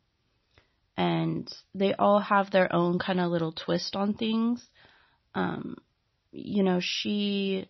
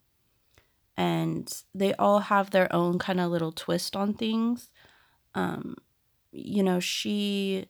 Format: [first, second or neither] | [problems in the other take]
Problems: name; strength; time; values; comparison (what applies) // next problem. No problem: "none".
second | garbled, watery; slightly; nothing above 6 kHz